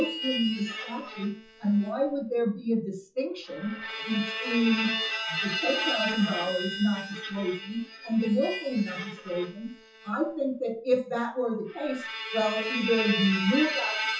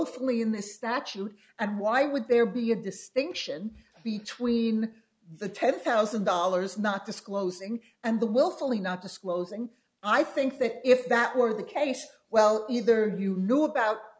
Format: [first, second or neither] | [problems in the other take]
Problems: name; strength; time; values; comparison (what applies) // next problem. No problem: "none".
second | noise reduction (classical method WPE with log-MMSE)